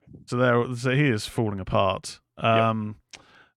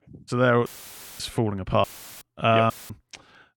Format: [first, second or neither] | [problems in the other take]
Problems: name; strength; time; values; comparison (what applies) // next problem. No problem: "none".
first | audio cutting out; filled with static; at 0.5 s for 0.5 s, at 2 s and at 2.5 s